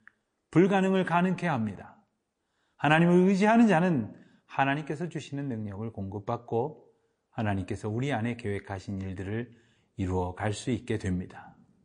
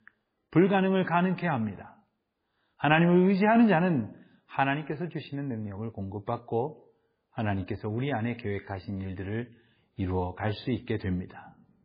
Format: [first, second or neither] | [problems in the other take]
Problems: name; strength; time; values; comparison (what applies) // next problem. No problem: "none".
first | garbled, watery; badly; nothing above 5 kHz; slightly in the first